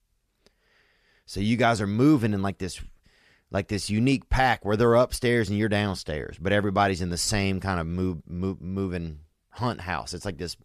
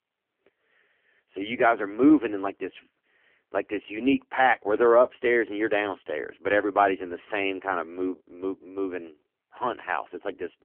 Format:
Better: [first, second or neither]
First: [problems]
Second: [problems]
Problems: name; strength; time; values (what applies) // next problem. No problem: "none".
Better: first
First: none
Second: phone-call audio; poor line; nothing above 3 kHz